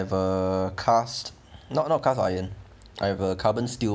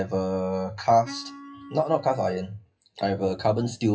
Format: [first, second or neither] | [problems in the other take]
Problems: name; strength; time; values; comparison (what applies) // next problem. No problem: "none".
first | noise reduction (classical method WPE with log-MMSE)